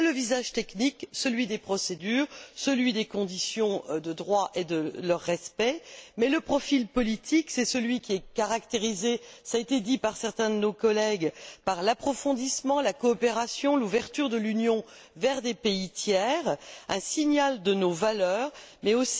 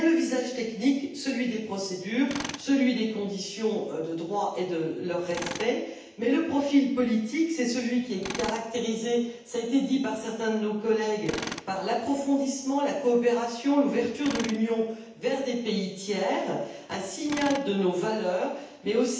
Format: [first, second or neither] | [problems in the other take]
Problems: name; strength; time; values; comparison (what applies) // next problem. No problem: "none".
first | background sound (Tools); 17 dB below the speech // room echo; dies away in 0.9 s